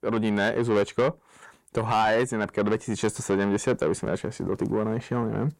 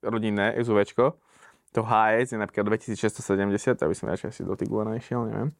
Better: second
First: distortion; slight; 10 dB below the speech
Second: none

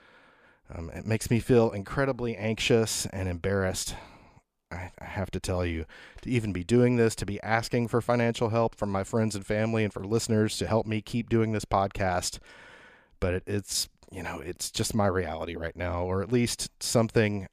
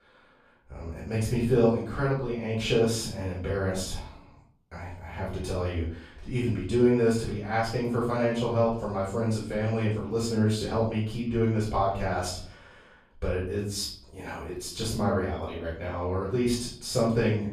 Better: first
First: none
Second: off-mic speech; far // room echo; noticeable; dies away in 0.5 s

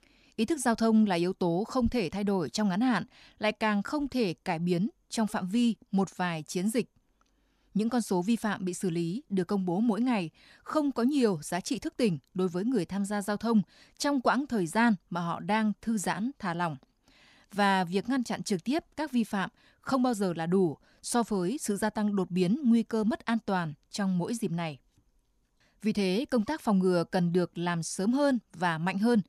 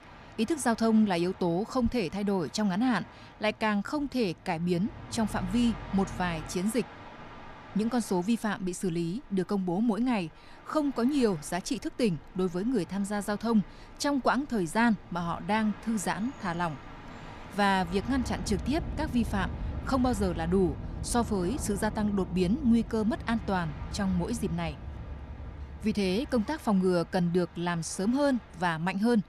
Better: first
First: none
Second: train or aircraft noise; noticeable; throughout; 15 dB below the speech

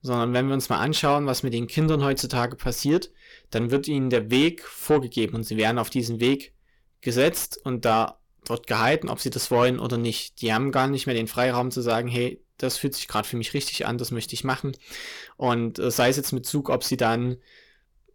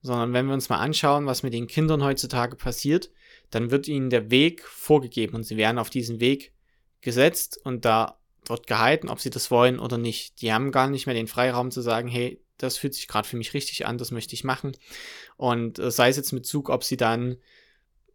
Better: second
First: distortion; slight; 10 dB below the speech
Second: none

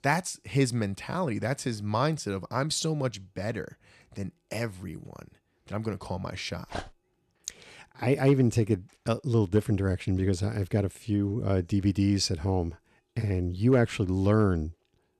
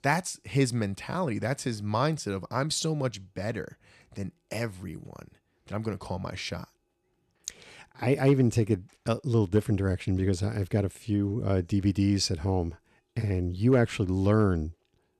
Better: second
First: dog barking; faint; at 6.5 s; peak 10 dB below the speech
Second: none

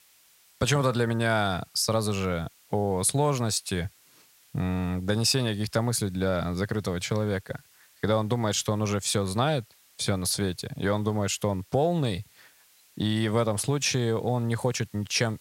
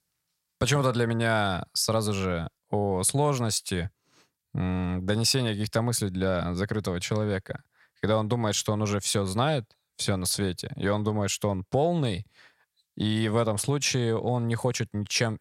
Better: second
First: hiss; faint; throughout; 30 dB below the speech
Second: none

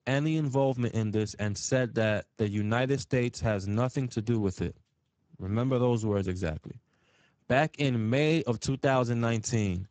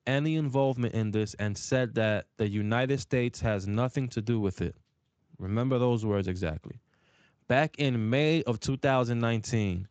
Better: second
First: garbled, watery; badly; nothing above 7.5 kHz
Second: garbled, watery; slightly; nothing above 7.5 kHz

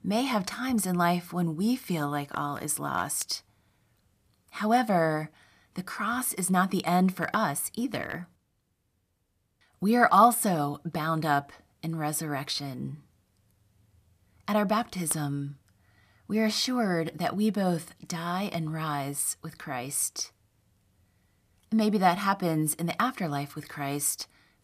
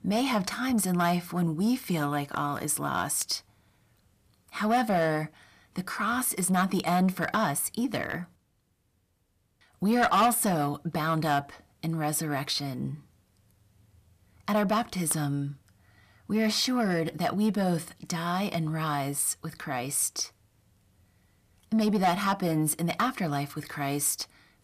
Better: first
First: none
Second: distortion; slight; 10 dB below the speech

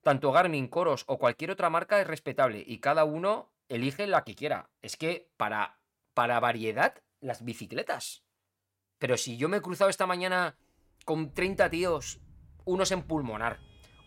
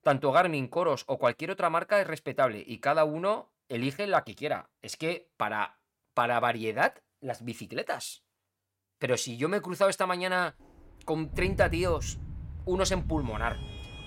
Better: first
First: traffic noise; faint; from 11 s on; 25 dB below the speech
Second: traffic noise; loud; from 11 s on; 9 dB below the speech

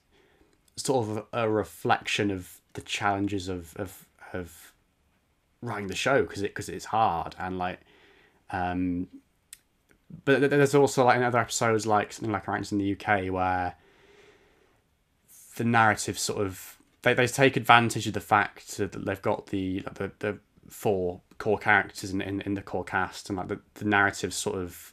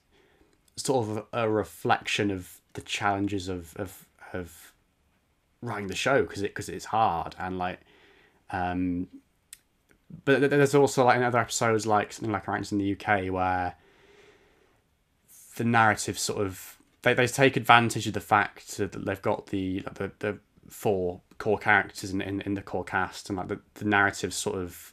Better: neither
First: none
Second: none

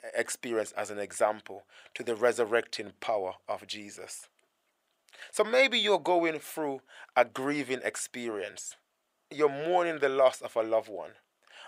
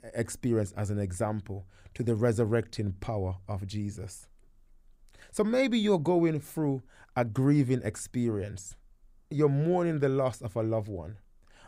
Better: second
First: thin; very; fading below 600 Hz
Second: none

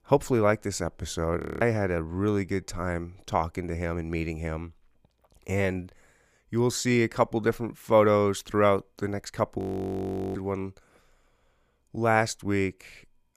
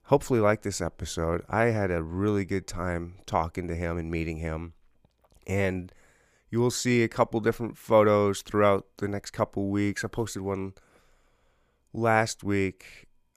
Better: second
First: audio freezing; at 1.5 s and at 9.5 s for 1 s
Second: none

